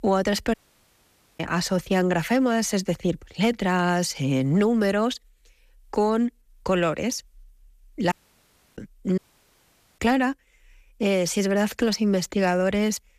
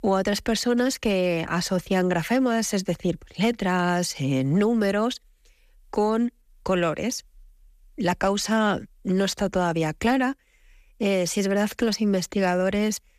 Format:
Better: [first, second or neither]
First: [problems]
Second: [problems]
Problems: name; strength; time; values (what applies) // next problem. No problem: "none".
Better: second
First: audio cutting out; at 0.5 s for 1 s, at 8 s for 0.5 s and at 9 s for 1 s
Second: none